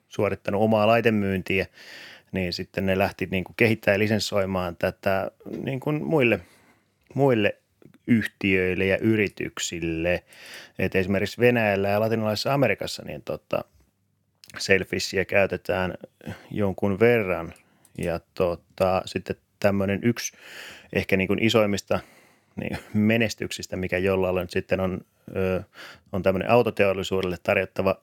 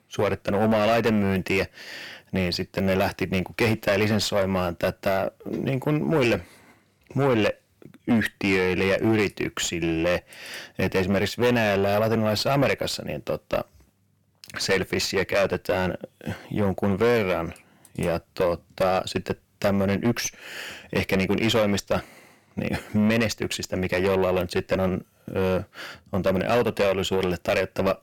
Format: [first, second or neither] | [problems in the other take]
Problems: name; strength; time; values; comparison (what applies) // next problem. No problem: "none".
first | distortion; heavy; 7 dB below the speech